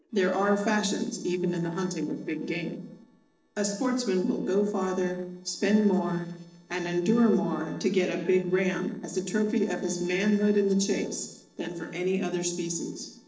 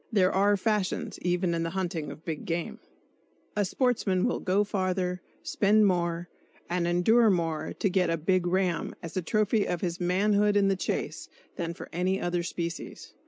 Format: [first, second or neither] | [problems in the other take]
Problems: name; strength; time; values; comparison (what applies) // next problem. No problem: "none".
second | noise reduction (neural separator model SepFormer DNS4)